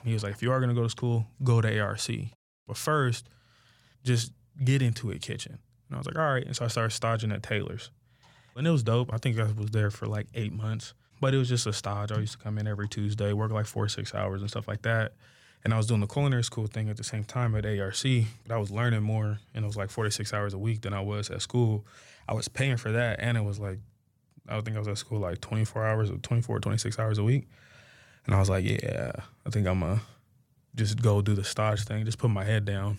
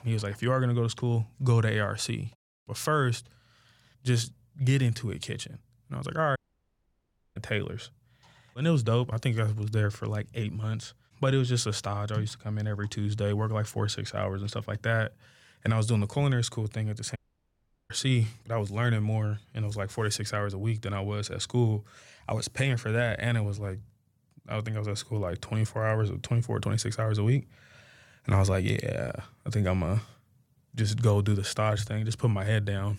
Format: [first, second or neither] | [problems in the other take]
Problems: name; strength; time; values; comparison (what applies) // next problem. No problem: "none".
first | audio cutting out; at 6.5 s for 1 s and at 17 s for 0.5 s